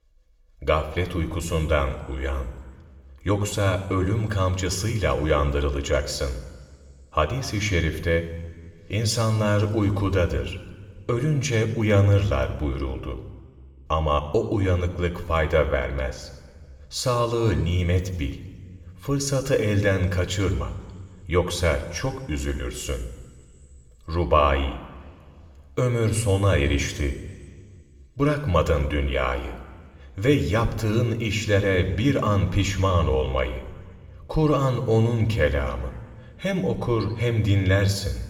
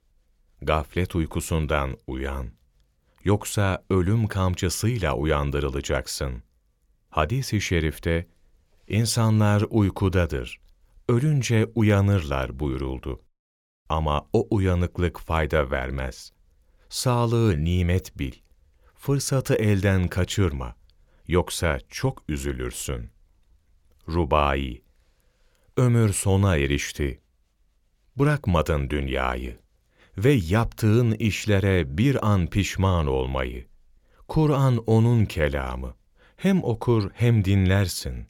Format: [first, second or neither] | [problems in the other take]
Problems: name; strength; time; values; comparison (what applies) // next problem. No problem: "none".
second | room echo; slight; dies away in 1.7 s